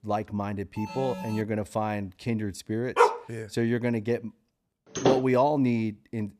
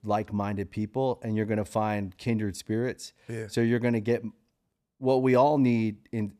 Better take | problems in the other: second | alarm; noticeable; at 1 s; peak 9 dB below the speech // dog barking; loud; at 3 s; peak 6 dB above the speech // door banging; loud; at 5 s; peak 2 dB above the speech

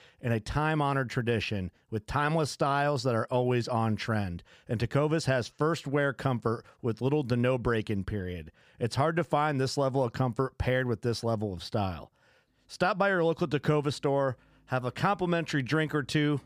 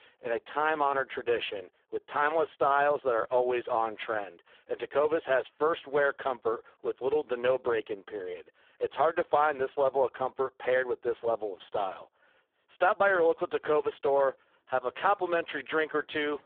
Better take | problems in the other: first | phone-call audio; poor line

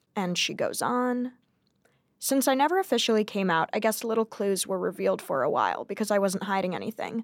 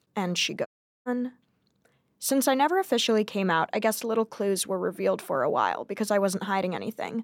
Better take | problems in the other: first | audio cutting out; at 0.5 s

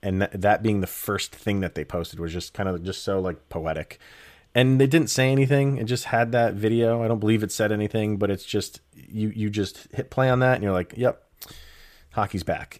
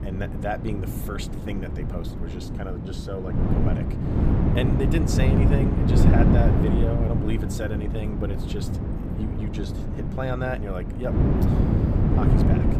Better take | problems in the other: first | wind noise on the microphone; heavy; 1 dB above the speech

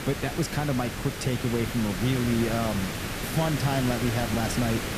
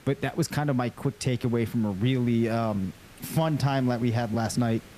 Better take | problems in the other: second | hiss; loud; throughout; 4 dB below the speech; faint in the second

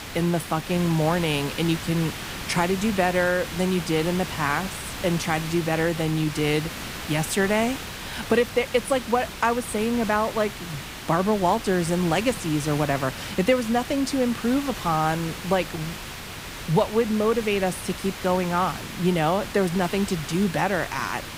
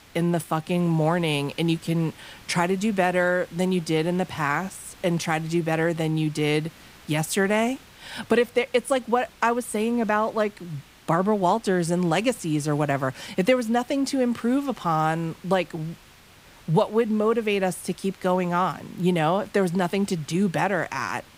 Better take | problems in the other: second | hiss; loud; throughout; 9 dB below the speech; faint in the second

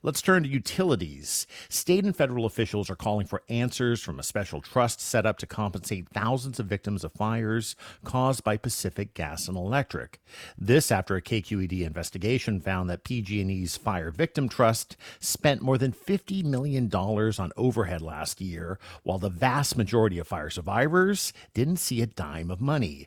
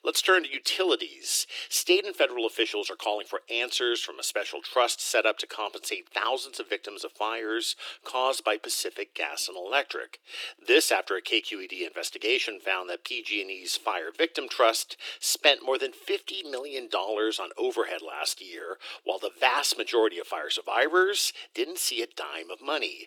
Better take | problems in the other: first | thin; very; fading below 350 Hz

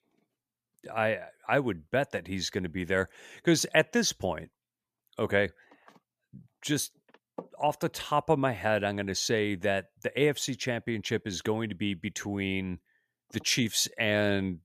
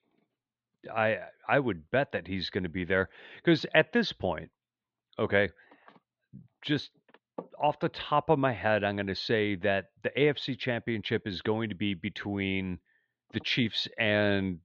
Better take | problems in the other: first | muffled; slightly; fading above 4 kHz

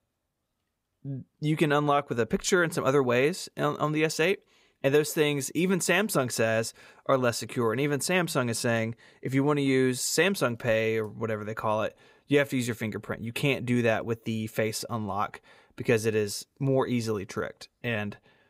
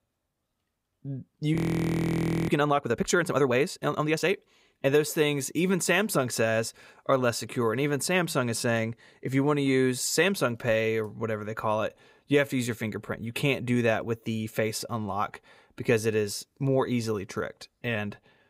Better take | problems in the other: first | audio freezing; at 1.5 s for 1 s

